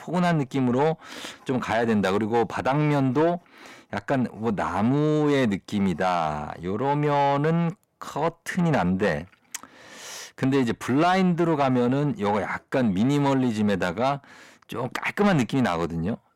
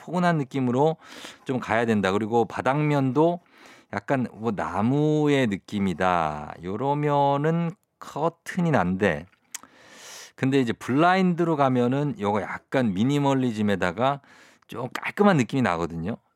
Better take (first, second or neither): second